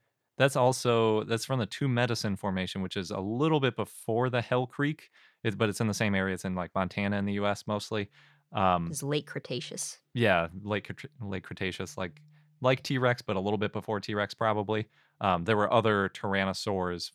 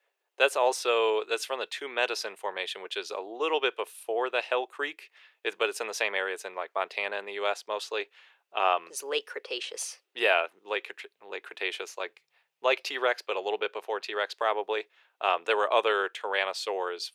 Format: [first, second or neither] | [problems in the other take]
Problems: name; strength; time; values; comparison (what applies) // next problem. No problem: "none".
first | thin; very; fading below 400 Hz